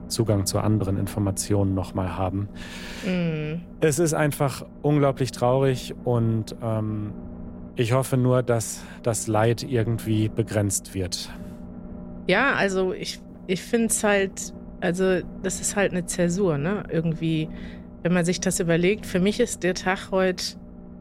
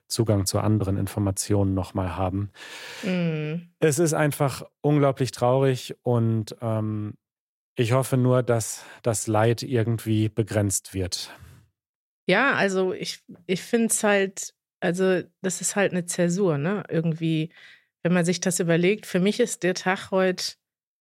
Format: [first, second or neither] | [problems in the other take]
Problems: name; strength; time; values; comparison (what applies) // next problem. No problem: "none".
second | low rumble; faint; throughout; 20 dB below the speech